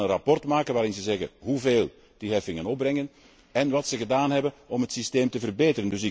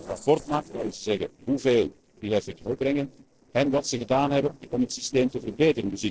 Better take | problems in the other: first | noise reduction (neural separator model SepFormer DNS4)

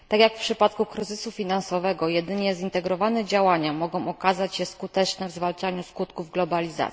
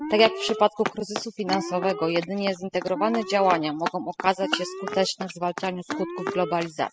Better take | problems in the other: first | noise reduction (classical method spectral subtraction)

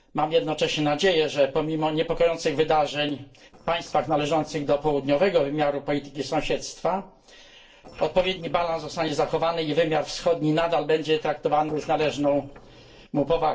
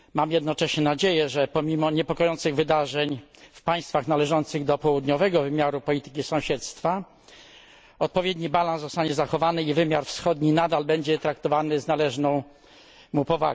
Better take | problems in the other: second | noise reduction (neural separator model SepFormer DNS4)

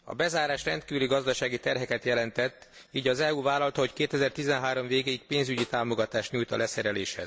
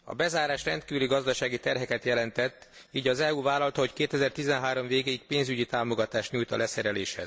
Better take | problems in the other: second | background sound (Snare drum); 16 dB below the speech

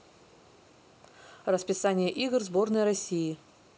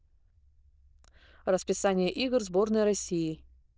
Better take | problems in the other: first | noise reduction (neural diffusion model UNIVERSE++)

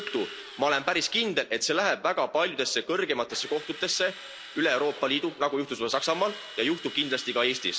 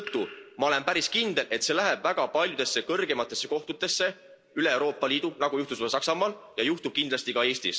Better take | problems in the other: second | background sound (Drill); 16 dB below the speech

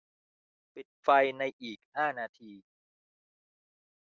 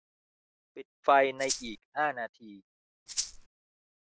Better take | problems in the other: first | background sound (Rattle (instrument)); 3 dB below the speech

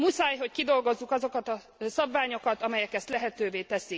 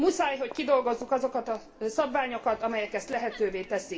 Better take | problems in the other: first | background sound (Crowd); 20 dB below the speech // room echo; dies away in 0.3 s

